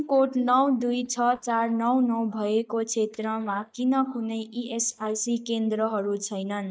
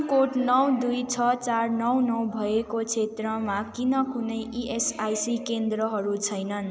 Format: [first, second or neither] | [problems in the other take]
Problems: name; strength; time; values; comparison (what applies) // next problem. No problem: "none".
second | noise reduction (neural mask model DeepFilterNet 3)